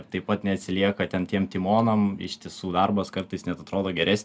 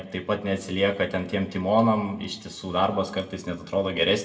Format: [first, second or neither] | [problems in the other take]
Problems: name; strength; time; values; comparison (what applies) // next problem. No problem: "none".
first | room echo; dies away in 0.8 s